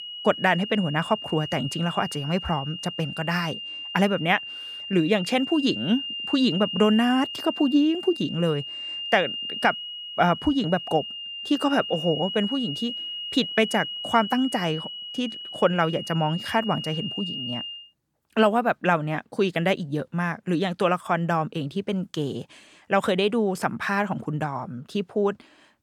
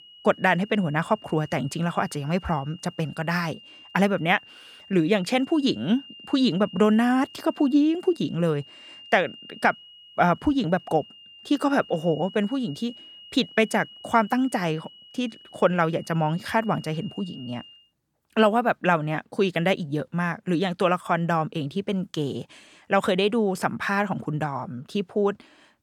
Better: second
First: high-pitched whine; loud; until 18 s; 3 kHz, 7 dB below the speech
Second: high-pitched whine; faint; until 18 s; 3 kHz, 20 dB below the speech

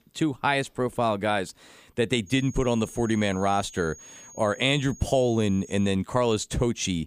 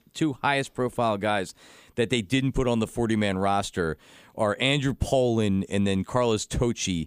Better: second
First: high-pitched whine; noticeable; from 2.5 to 6 s; 6.5 kHz, 20 dB below the speech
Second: none

